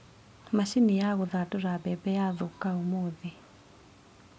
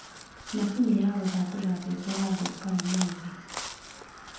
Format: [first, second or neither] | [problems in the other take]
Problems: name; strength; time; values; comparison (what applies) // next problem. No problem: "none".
first | background sound (Crow); 11 dB below the speech // room echo; dies away in 0.8 s